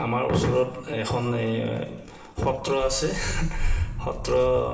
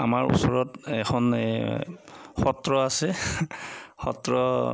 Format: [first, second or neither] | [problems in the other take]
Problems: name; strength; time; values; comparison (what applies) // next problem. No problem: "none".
second | background sound (Engine starting / Motor vehicle (road)); 5 dB below the speech // room echo; dies away in 1.1 s